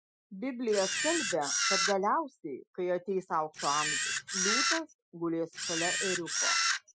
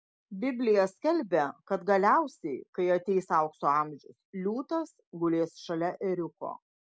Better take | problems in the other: second | noise reduction (classical method Wiener filter)

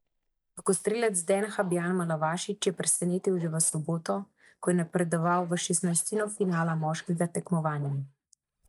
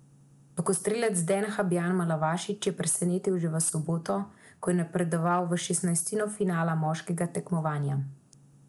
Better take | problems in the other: second | noise reduction (neural mask model DeepFilterNet 3)

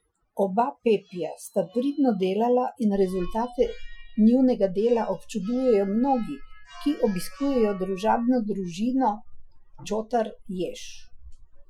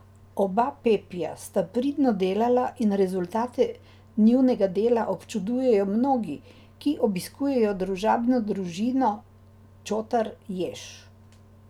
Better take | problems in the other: second | noise reduction (classical method Wiener filter)

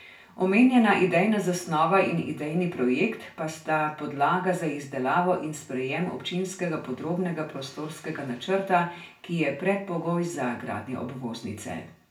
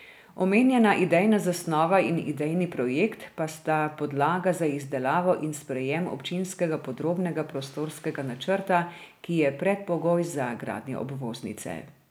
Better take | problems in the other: second | room echo; dies away in 0.3 s

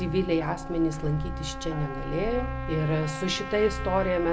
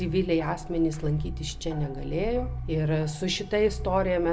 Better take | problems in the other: second | background sound (Trumpet); 11 dB below the speech

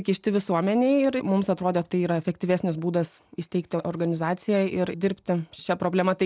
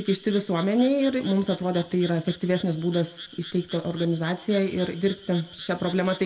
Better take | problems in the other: first | background sound (Frog); 17 dB below the speech // room echo; dies away in 0.6 s

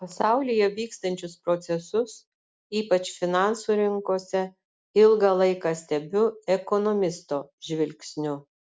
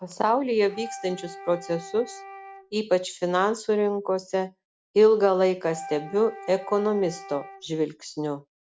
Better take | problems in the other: first | background sound (Wind instrument, woodwind instrument); 17 dB below the speech

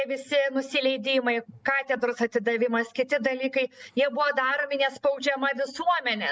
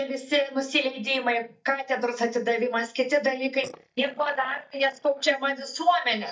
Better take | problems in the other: first | noise reduction (neural mask model DeepFilterNet 3)

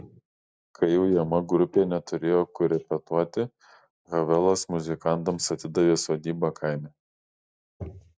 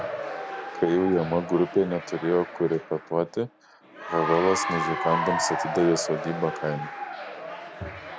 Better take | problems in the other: first | background sound (Applause / Cheering); 5 dB below the speech

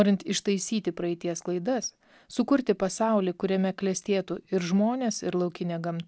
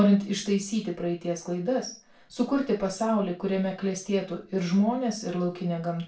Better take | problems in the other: first | room echo; dies away in 0.3 s

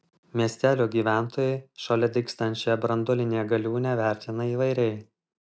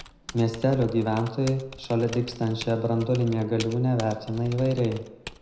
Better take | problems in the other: first | background sound (Typing); 17 dB below the speech // room echo; dies away in 0.7 s

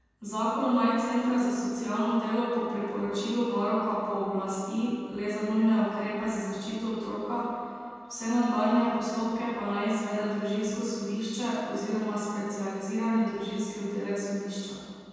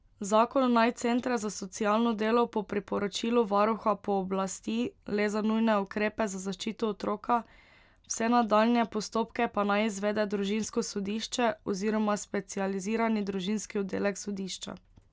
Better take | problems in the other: second | room echo; dies away in 2.1 s

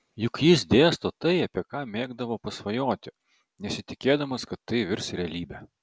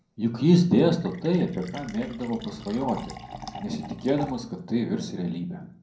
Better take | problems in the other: first | background sound (Fill (with liquid)); 17 dB below the speech // room echo; dies away in 0.6 s

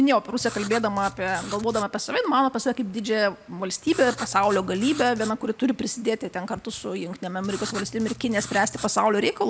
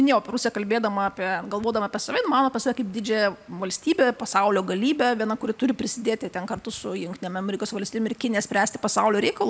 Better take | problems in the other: second | background sound (Writing); 14 dB below the speech

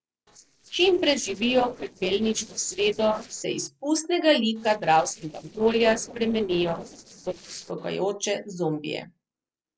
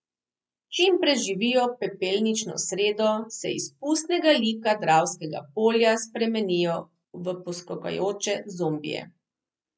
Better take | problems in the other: second | noise reduction (neural separator model SepFormer DNS4)

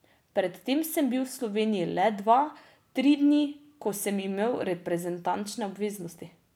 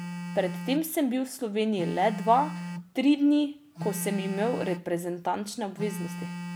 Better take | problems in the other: first | background sound (Telephone); 10 dB below the speech

